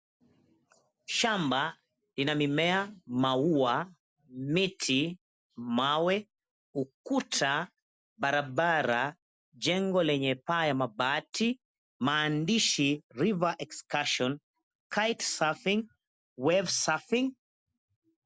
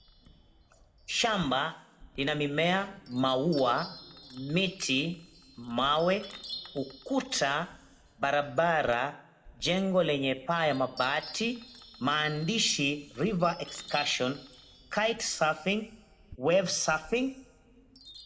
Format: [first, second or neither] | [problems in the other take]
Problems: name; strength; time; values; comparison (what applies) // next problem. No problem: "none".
first | background sound (Chime); 19 dB below the speech // room echo; dies away in 0.8 s